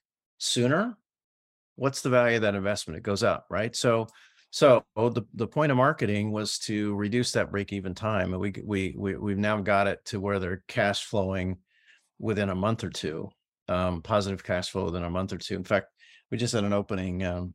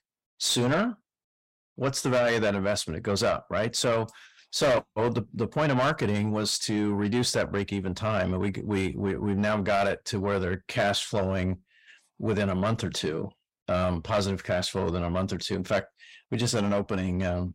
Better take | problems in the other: first | distortion; heavy; 8 dB below the speech

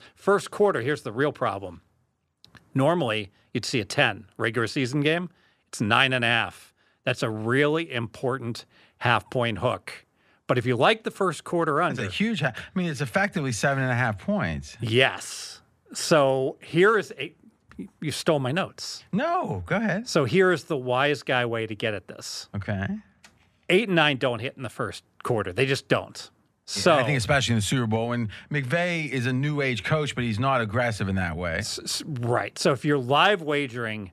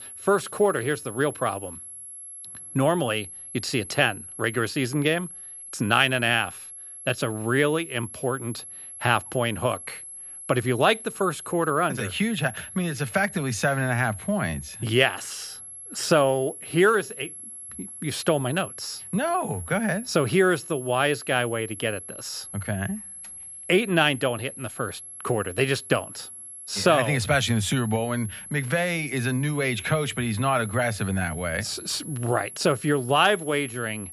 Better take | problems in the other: first | high-pitched whine; noticeable; throughout; 11 kHz, 15 dB below the speech

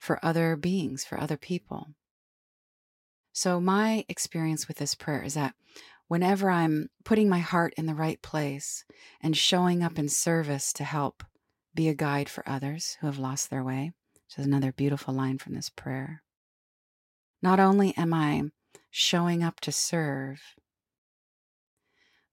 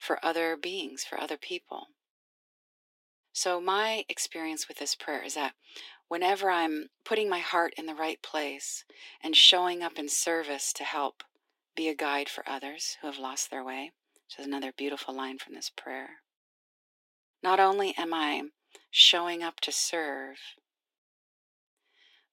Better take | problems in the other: first | thin; very; fading below 300 Hz

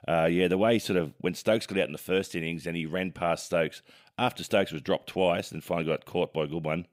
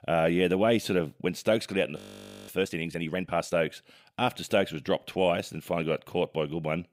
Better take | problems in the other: first | audio freezing; at 2 s for 0.5 s

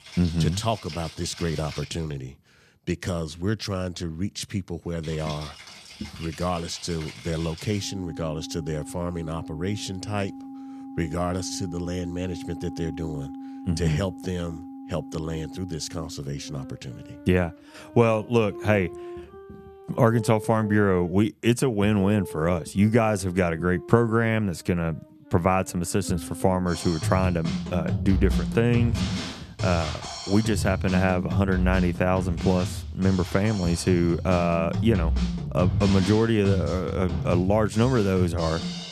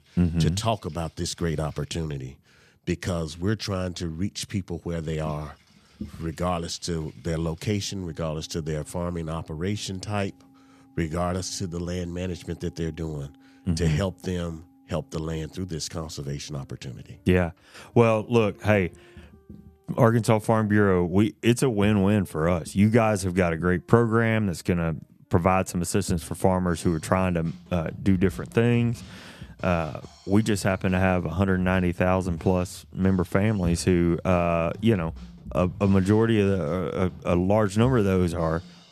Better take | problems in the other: second | background music; loud; throughout; 8 dB below the speech; faint in the second

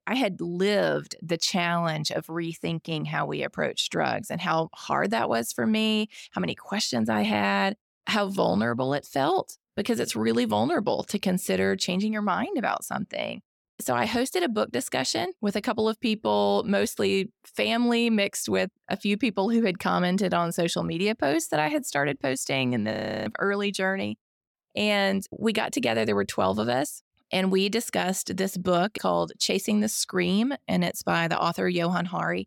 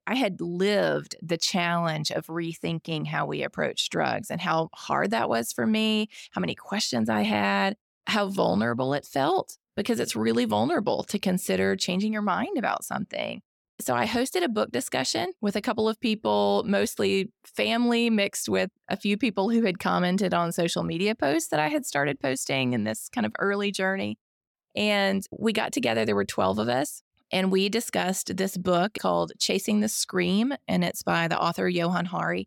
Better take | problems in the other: second | audio freezing; at 23 s

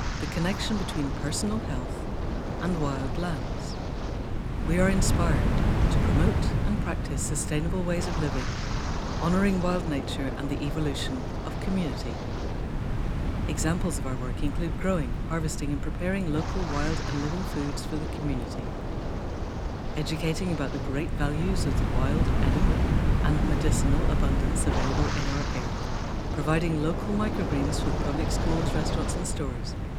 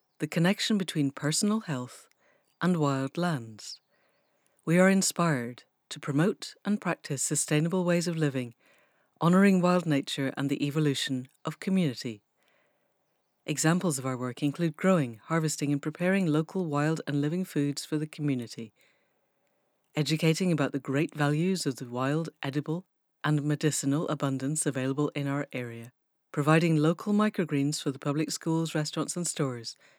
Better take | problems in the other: second | wind noise on the microphone; heavy; 1 dB below the speech

